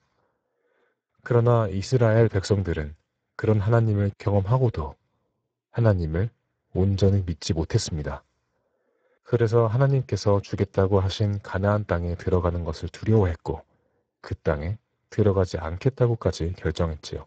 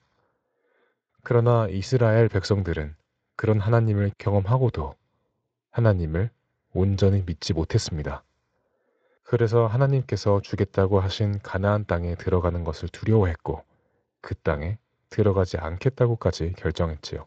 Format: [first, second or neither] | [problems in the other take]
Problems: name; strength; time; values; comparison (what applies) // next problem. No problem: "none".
second | garbled, watery; badly; nothing above 7.5 kHz; slightly in the second